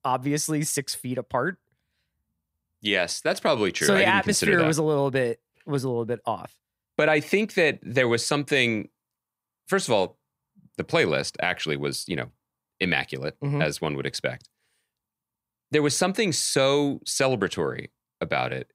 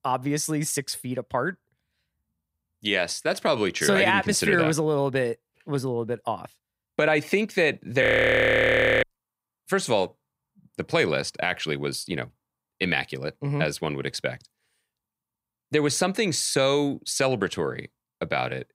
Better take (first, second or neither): first